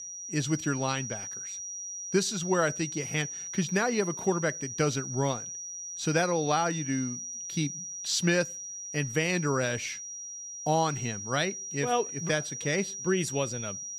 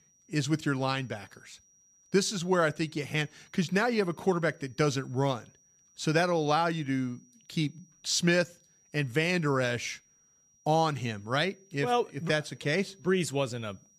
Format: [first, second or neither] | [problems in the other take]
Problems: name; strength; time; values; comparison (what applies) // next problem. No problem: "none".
second | high-pitched whine; loud; throughout; 6 kHz, 6 dB below the speech; faint in the second